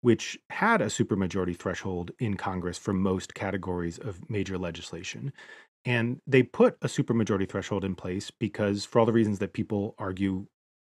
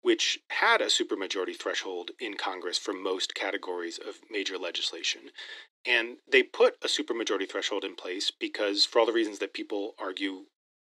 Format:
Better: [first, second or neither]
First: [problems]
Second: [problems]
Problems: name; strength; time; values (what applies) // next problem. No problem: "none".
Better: first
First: none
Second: thin; very; fading below 300 Hz